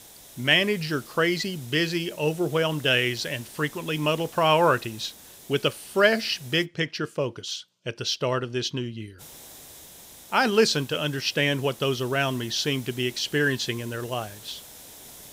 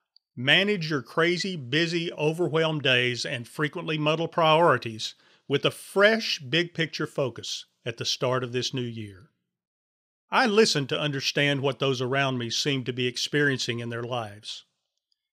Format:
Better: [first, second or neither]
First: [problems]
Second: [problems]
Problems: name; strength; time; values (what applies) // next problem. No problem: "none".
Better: second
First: hiss; noticeable; until 6.5 s and from 9 s on; 20 dB below the speech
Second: none